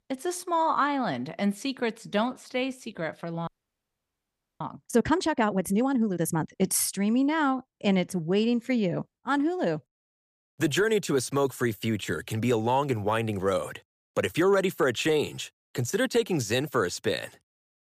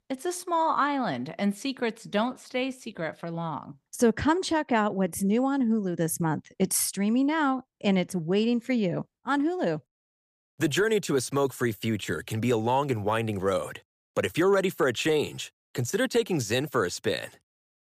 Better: second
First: audio freezing; at 3.5 s for 1 s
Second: none

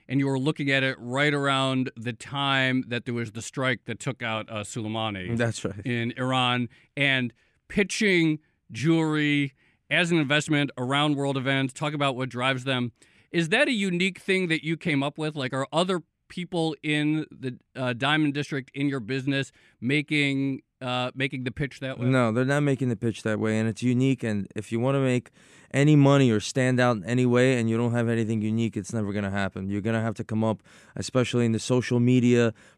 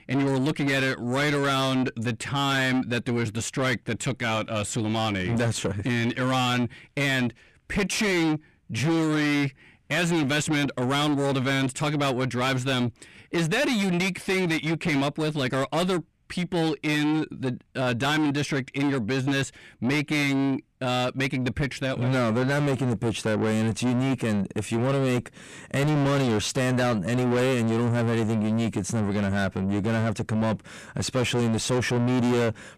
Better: first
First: none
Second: distortion; heavy; 6 dB below the speech

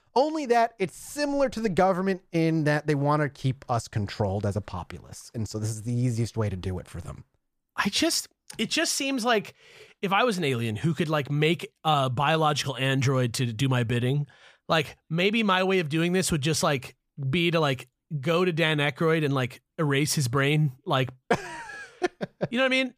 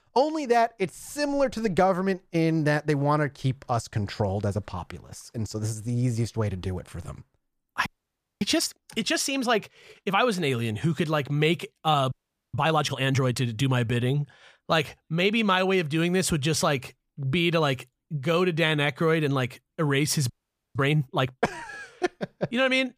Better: first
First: none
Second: audio freezing; at 8 s for 0.5 s, at 12 s and at 20 s

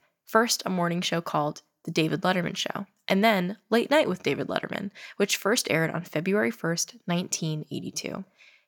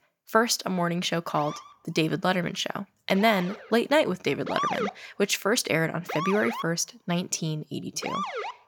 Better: first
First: none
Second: siren; noticeable; from 1.5 s on; peak 2 dB below the speech

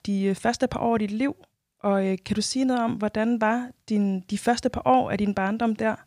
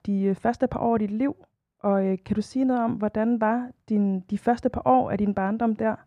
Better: first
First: none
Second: muffled; very; fading above 2 kHz

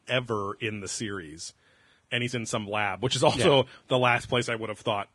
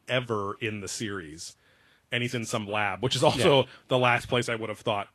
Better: second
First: garbled, watery; badly; nothing above 10 kHz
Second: garbled, watery; slightly; nothing above 11.5 kHz

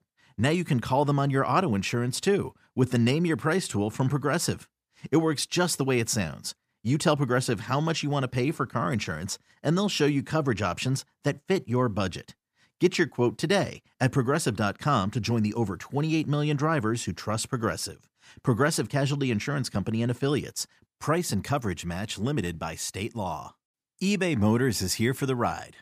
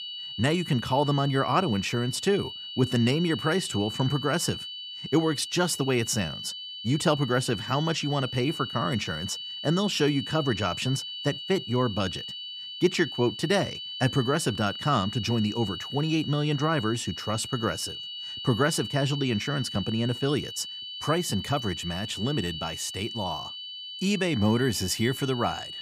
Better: first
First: none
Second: high-pitched whine; loud; throughout; 3 kHz, 8 dB below the speech

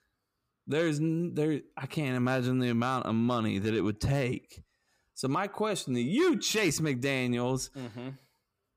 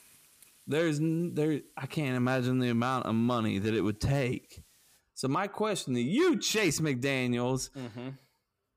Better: first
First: none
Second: hiss; faint; until 5 s; 30 dB below the speech

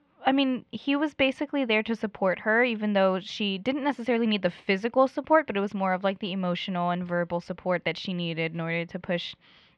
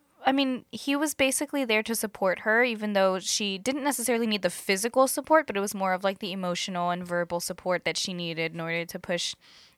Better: second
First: muffled; slightly; fading above 3.5 kHz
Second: none

